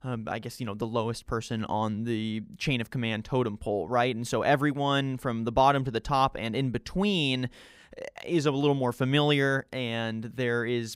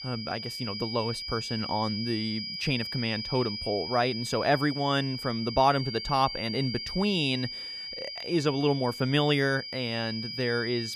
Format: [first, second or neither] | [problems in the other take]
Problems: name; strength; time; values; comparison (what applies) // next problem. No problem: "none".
first | high-pitched whine; loud; throughout; 5 kHz, 6 dB below the speech